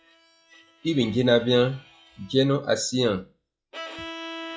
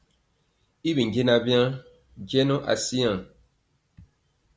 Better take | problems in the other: second | noise reduction (classical method log-MMSE)

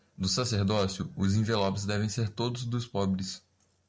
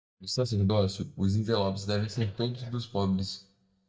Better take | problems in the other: first | noise reduction (neural mask model DeepFilterNet 3)

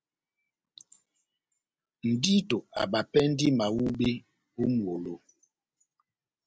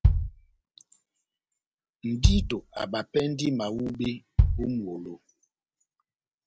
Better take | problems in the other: first | background sound (Bass drum); 3 dB above the speech

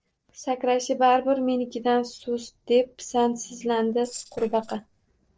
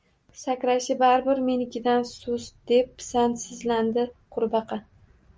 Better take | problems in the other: second | noise reduction (neural separator model SepFormer DNS4)

